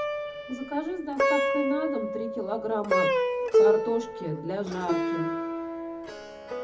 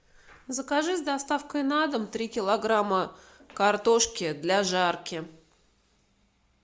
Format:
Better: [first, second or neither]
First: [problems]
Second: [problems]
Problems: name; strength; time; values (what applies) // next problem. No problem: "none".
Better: second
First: background sound (Plucked string instrument); 5 dB above the speech // room echo; dies away in 0.4 s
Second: none